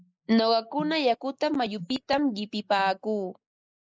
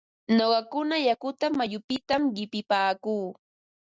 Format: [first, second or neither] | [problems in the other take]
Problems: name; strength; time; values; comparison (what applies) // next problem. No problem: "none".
second | noise reduction (neural mask model Resemble Enhance denoiser)